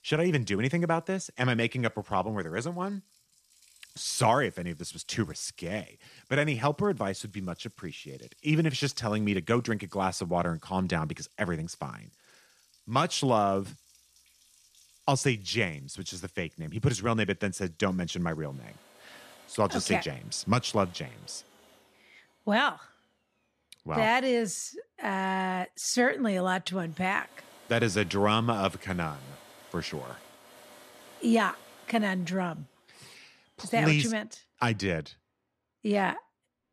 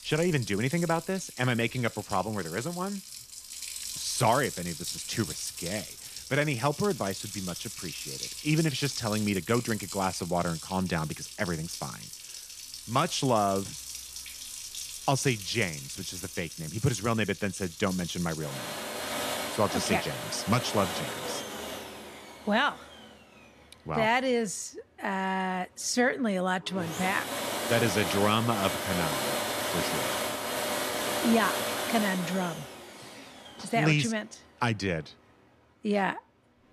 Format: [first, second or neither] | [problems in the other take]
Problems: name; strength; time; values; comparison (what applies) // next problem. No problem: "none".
first | household noises; loud; throughout; 5 dB below the speech; faint in the first